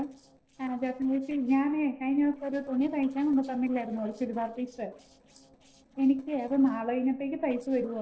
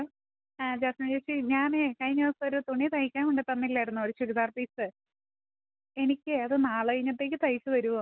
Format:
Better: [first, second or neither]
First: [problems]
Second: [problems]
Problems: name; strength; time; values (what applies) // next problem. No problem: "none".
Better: second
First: noise reduction (neural separator model SepFormer DNS4)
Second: none